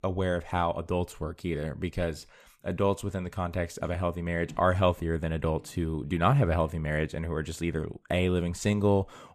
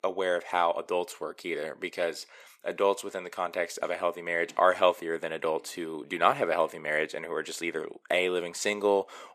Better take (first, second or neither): first